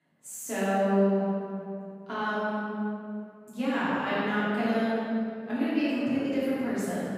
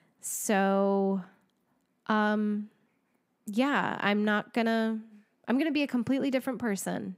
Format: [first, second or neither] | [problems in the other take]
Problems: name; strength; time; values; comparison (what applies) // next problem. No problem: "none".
second | room echo; strong; dies away in 2.4 s // off-mic speech; far